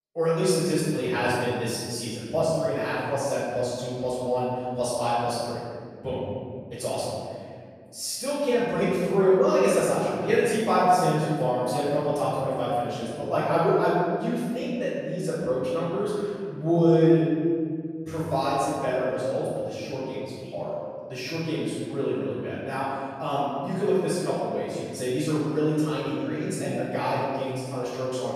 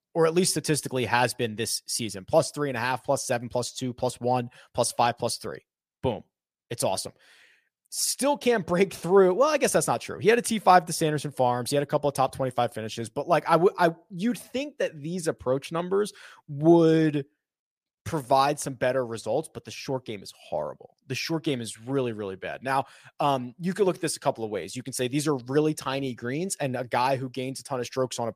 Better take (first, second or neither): second